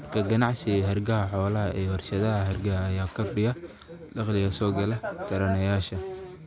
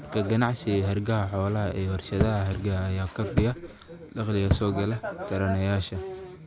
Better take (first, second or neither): first